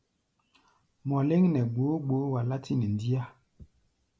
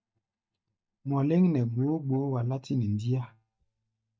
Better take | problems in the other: first | noise reduction (neural mask model DeepFilterNet 3)

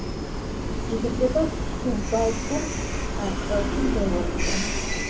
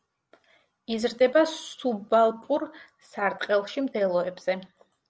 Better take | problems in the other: second | background sound (Train); 2 dB above the speech // room echo; dies away in 0.3 s

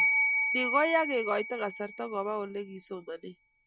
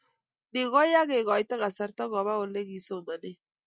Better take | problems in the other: second | background sound (Bell); as loud as the speech

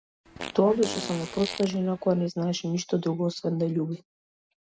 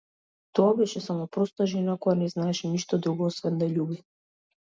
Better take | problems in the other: second | background sound (Fart); 11 dB below the speech

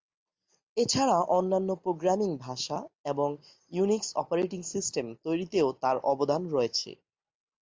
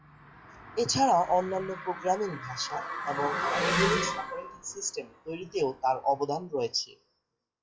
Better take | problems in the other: first | noise reduction (classical method WPE with log-MMSE)

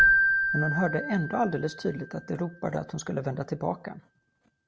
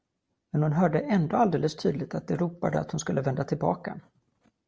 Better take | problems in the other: second | background sound (Keyboard (musical)); 2 dB above the speech

